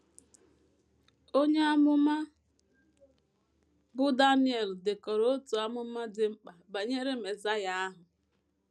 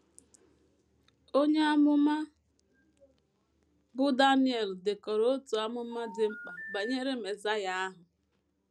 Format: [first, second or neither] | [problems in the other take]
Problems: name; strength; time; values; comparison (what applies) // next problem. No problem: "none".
first | background sound (Telephone); 13 dB below the speech